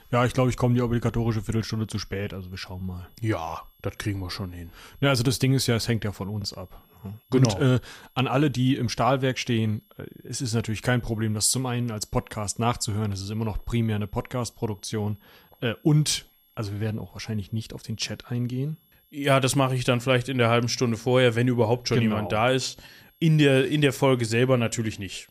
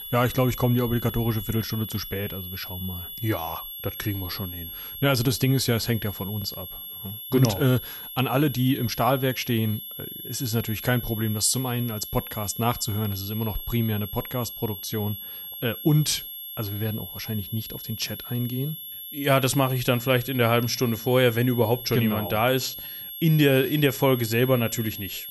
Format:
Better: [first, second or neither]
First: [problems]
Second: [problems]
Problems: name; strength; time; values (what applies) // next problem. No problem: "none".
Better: first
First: high-pitched whine; faint; throughout; 11.5 kHz, 35 dB below the speech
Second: high-pitched whine; loud; throughout; 11.5 kHz, 9 dB below the speech